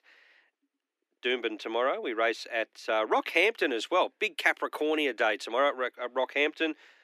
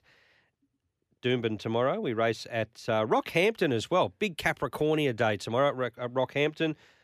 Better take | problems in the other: second | thin; somewhat; fading below 300 Hz

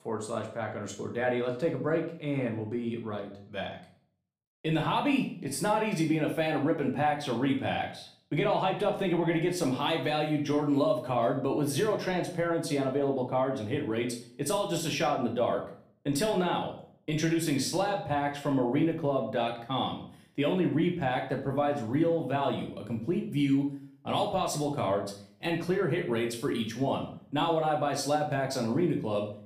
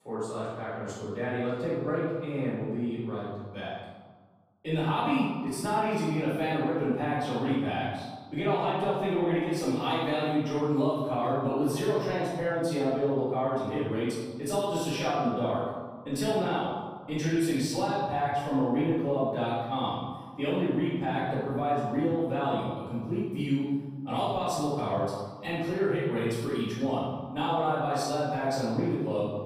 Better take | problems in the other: first | room echo; strong; dies away in 1.3 s; slight in the first // off-mic speech; far; somewhat distant in the first

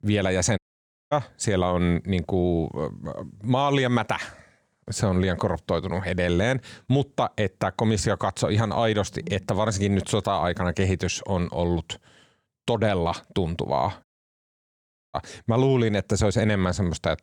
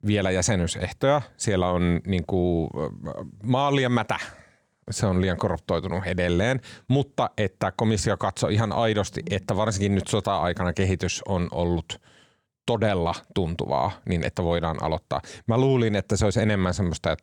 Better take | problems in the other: second | audio cutting out; at 0.5 s for 0.5 s and at 14 s for 1 s

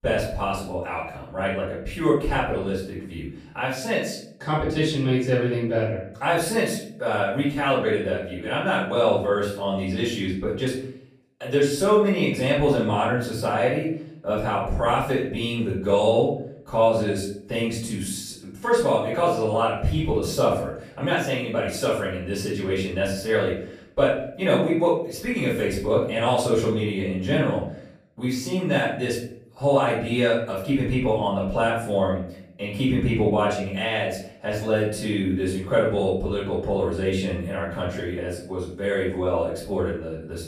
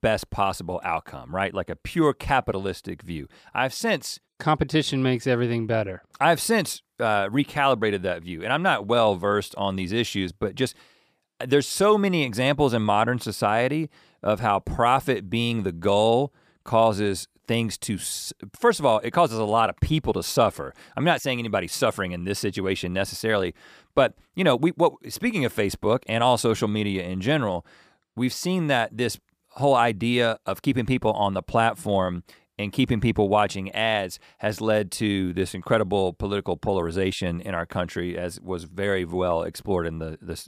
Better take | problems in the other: second | off-mic speech; far // room echo; noticeable; dies away in 0.5 s

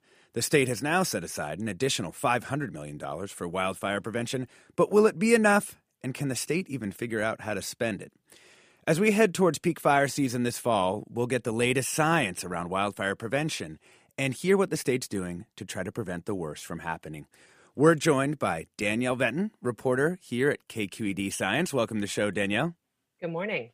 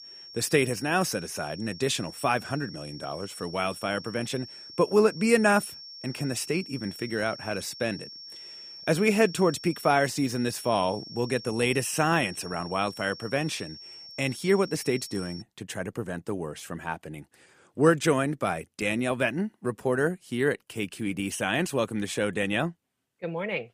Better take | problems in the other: first | high-pitched whine; noticeable; until 15 s; 5.5 kHz, 15 dB below the speech

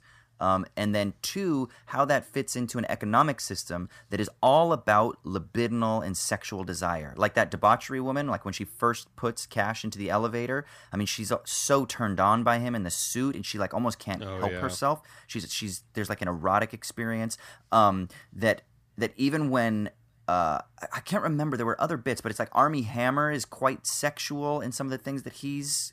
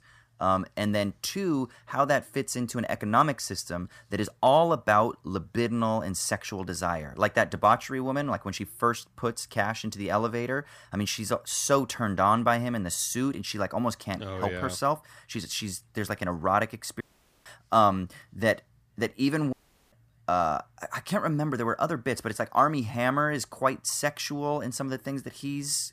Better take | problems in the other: first | audio cutting out; at 17 s and at 20 s

